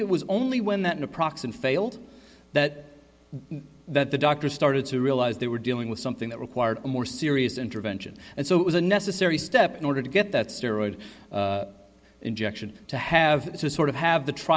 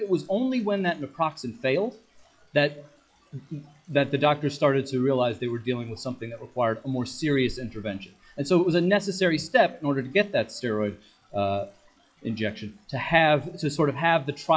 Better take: first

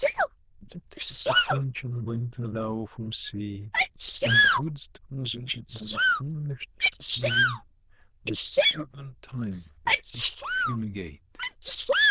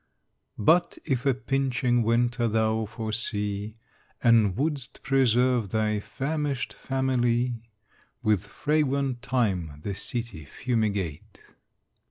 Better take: second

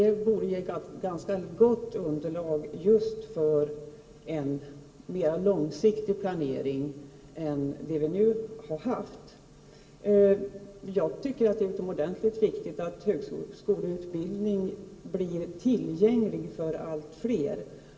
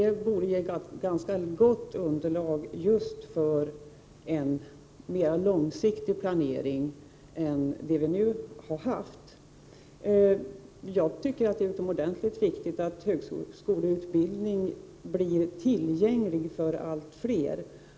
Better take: second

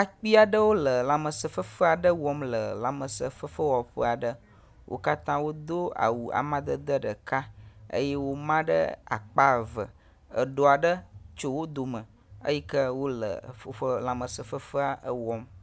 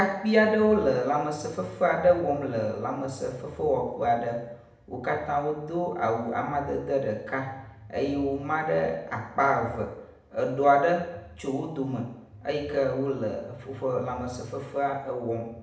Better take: first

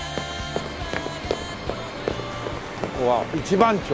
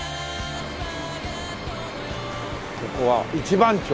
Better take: second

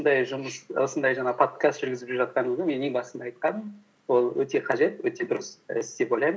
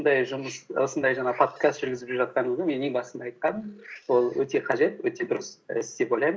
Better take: first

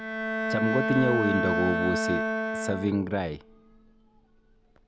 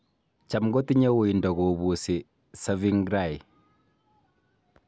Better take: second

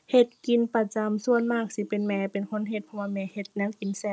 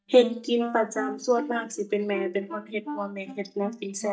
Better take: first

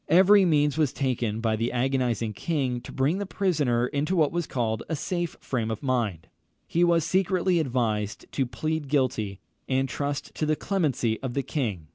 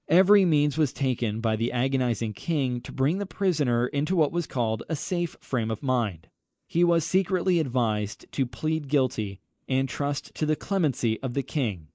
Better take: first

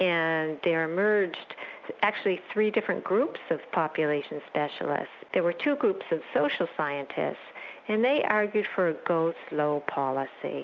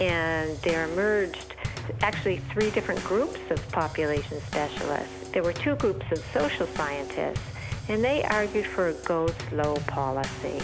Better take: first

